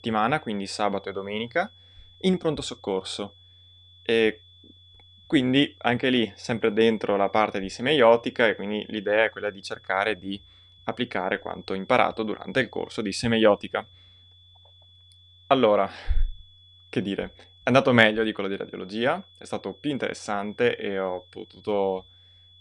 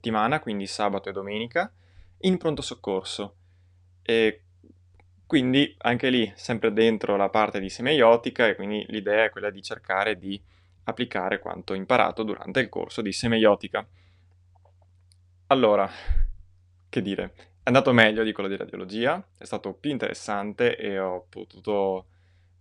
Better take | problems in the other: second | high-pitched whine; faint; throughout; 3.5 kHz, 25 dB below the speech

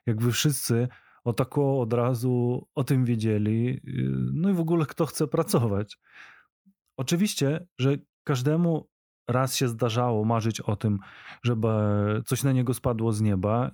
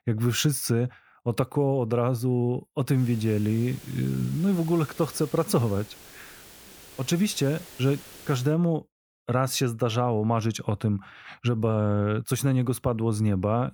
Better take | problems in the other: first | hiss; noticeable; from 3 to 8.5 s; 20 dB below the speech

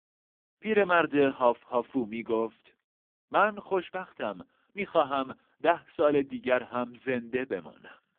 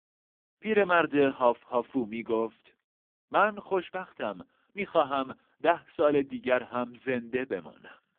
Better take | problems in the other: neither | phone-call audio; poor line; the same in both

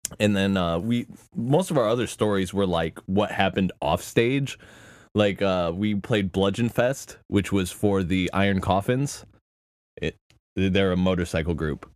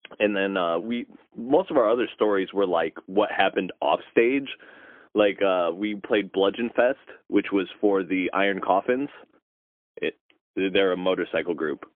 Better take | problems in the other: first | phone-call audio; poor line; nothing above 3.5 kHz

